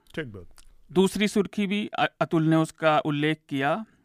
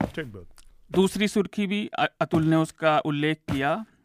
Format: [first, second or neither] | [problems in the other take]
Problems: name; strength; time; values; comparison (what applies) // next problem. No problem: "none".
first | footsteps; noticeable; peak 8 dB below the speech